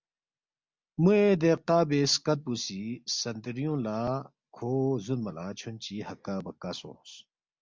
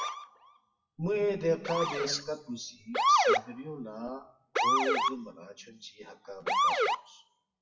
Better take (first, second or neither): first